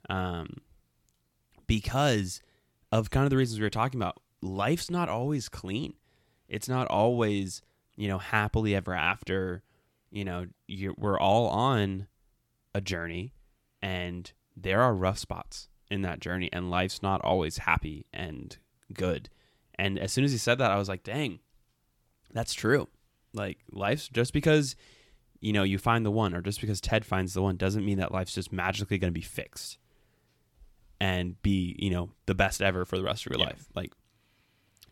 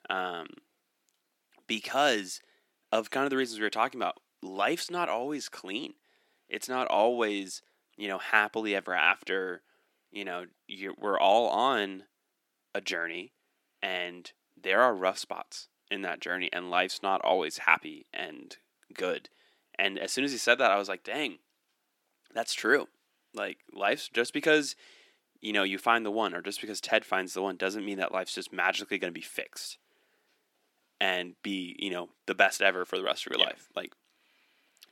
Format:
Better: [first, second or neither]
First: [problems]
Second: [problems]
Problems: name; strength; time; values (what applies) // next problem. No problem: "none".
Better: first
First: none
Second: thin; somewhat; fading below 250 Hz